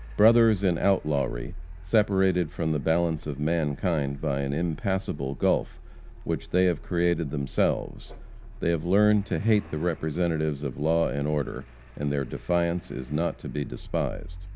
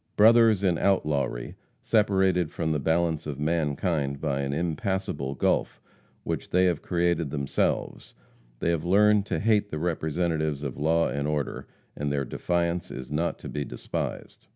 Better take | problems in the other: second | background sound (Car); 14 dB below the speech

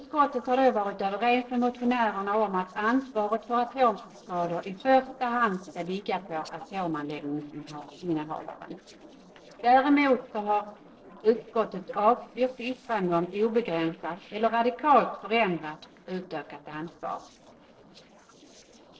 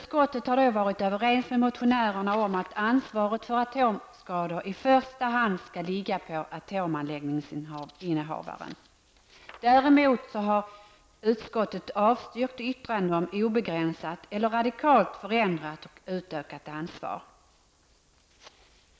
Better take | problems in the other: second | noise reduction (neural separator model SepFormer DNS4)

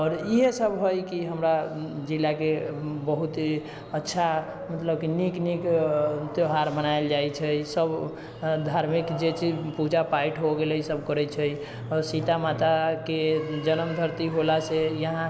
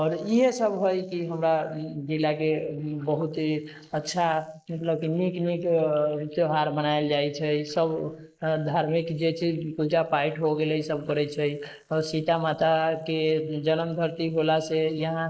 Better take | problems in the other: first | noise reduction (neural mask model Resemble Enhance denoiser)

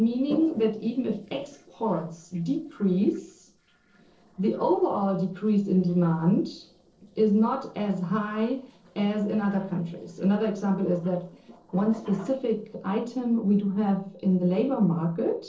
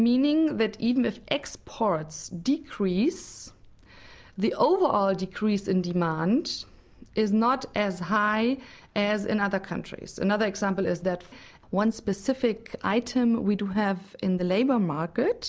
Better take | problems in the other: second | noise reduction (neural separator model SepFormer DNS4)

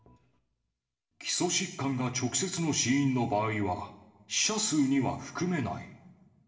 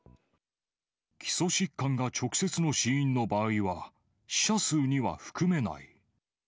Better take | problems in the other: second | room echo; dies away in 0.8 s

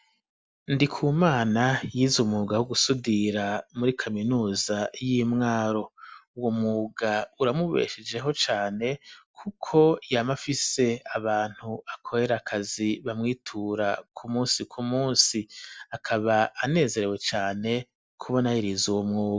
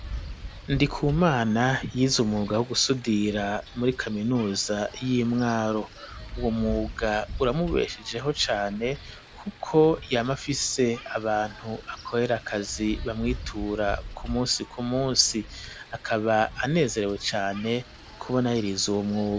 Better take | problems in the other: first | background sound (Wind); 14 dB below the speech

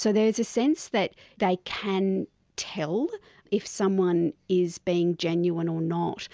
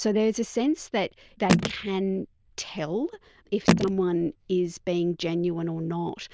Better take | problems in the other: first | noise reduction (neural diffusion model UNIVERSE++)

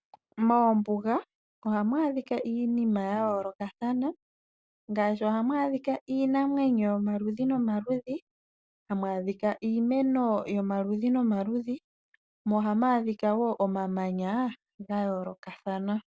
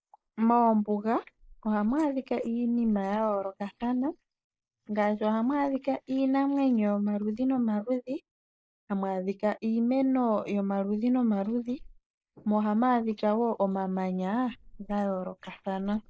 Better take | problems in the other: first | noise reduction (neural mask model Resemble Enhance denoiser)

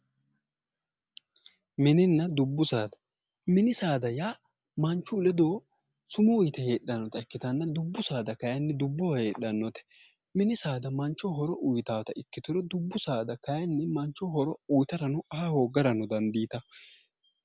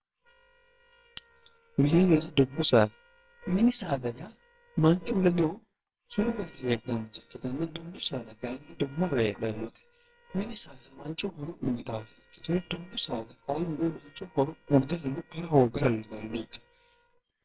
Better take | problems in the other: first | noise reduction (neural separator model SepFormer WHAMR!)

